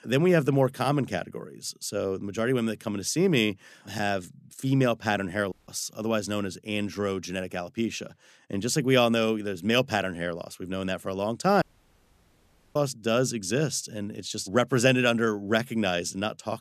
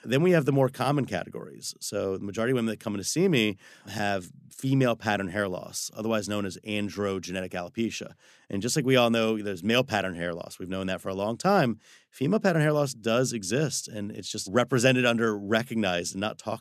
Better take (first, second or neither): second